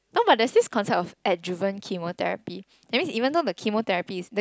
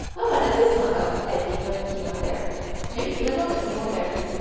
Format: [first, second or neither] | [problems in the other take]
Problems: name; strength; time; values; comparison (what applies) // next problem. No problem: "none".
first | background sound (Writing); 6 dB below the speech // room echo; dies away in 2.2 s